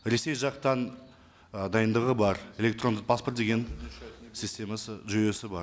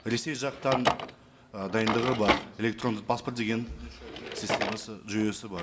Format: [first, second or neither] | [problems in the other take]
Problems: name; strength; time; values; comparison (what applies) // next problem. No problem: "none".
first | background sound (Drawer open or close); 3 dB below the speech // room echo; dies away in 2.4 s